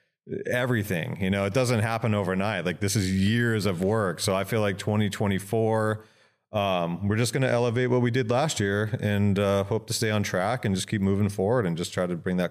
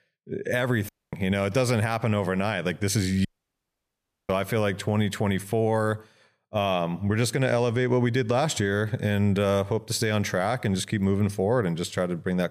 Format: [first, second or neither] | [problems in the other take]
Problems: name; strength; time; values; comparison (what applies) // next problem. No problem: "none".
first | audio cutting out; at 1 s and at 3.5 s for 1 s